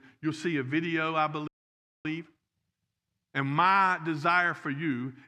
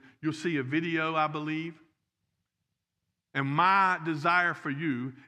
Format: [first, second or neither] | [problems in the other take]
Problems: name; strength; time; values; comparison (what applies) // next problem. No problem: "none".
second | audio freezing; at 1.5 s for 0.5 s